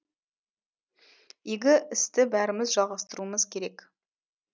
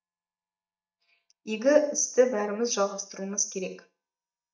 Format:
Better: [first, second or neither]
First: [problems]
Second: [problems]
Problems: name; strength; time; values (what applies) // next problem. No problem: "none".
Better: first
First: none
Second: noise reduction (neural mask model DeepFilterNet 3)